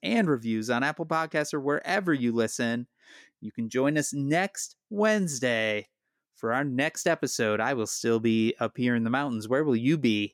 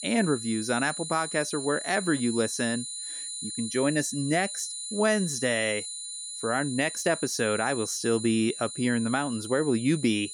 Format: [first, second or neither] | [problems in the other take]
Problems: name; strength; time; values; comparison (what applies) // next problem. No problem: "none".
first | high-pitched whine; loud; throughout; 9.5 kHz, 7 dB below the speech